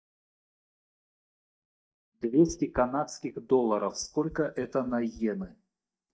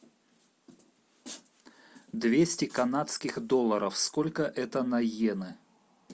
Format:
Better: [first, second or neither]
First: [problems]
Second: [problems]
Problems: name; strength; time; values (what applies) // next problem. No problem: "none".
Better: second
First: noise reduction (neural mask model DeepFilterNet 3)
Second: none